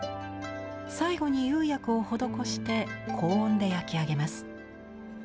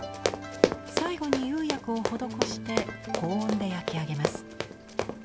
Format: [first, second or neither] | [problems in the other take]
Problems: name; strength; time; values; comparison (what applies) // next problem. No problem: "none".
first | background sound (Run); as loud as the speech